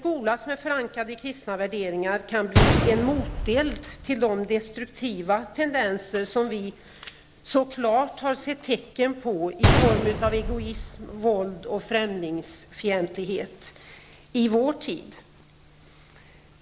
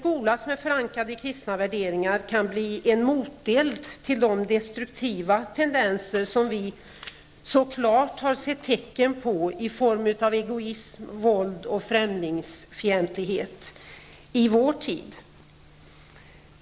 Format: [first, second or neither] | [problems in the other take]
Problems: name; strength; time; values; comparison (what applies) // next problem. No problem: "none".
second | background sound (Gunshot, gunfire); 3 dB below the speech